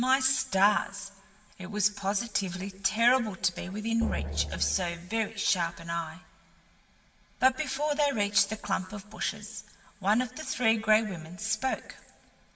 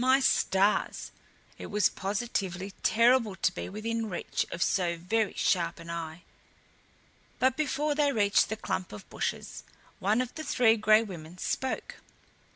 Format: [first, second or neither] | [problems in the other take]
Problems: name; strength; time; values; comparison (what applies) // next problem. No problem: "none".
second | background sound (Drum); 6 dB below the speech // room echo; dies away in 2.4 s